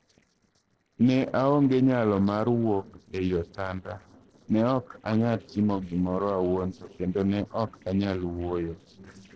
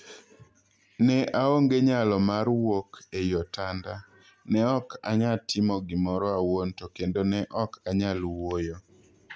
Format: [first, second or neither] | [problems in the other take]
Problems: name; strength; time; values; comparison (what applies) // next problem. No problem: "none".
second | noise reduction (neural separator model SepFormer DNS4)